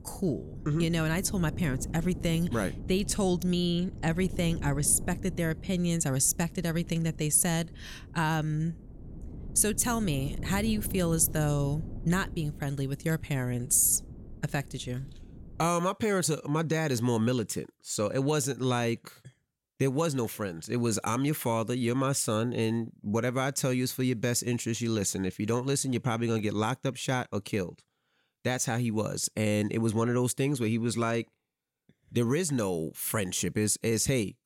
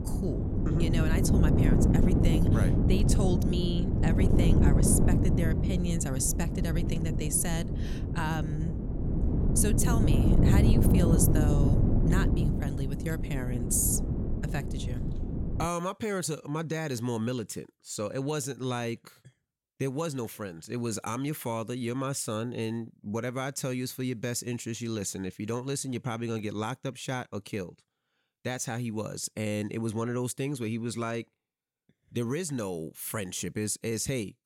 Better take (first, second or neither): first